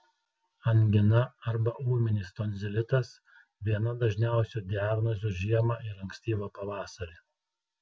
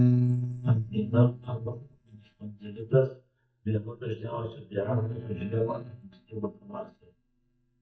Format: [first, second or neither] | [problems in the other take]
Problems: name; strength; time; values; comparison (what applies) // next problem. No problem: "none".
first | noise reduction (neural mask model DeepFilterNet 3)